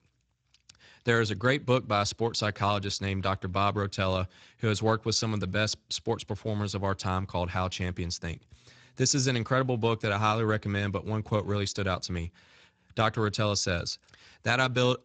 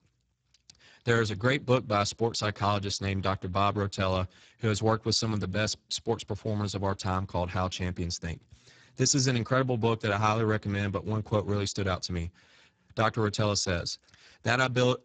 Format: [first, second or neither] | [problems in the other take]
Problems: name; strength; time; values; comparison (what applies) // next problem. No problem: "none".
first | garbled, watery; badly; nothing above 7.5 kHz; slightly in the first